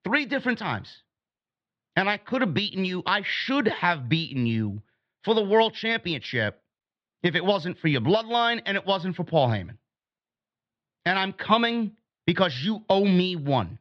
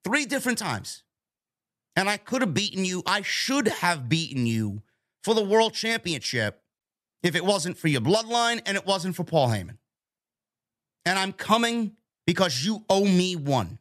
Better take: second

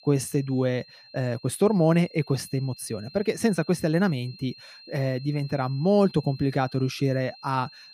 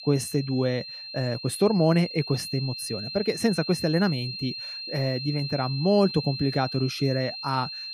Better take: first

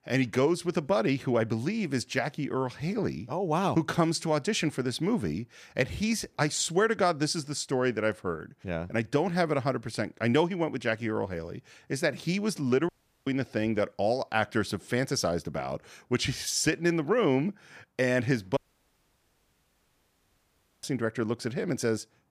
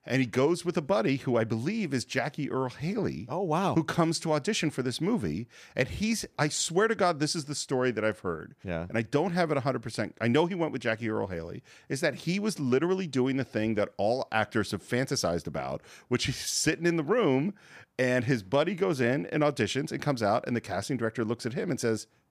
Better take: second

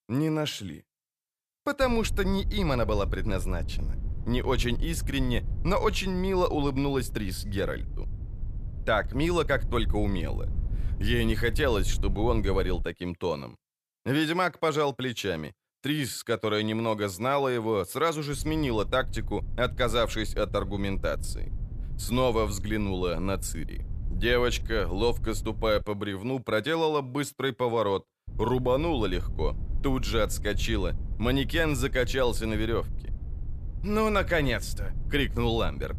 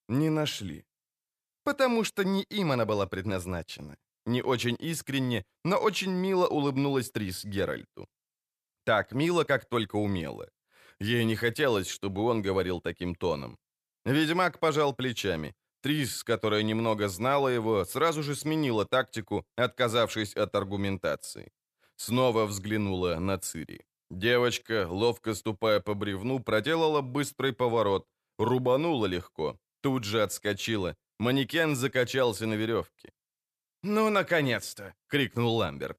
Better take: second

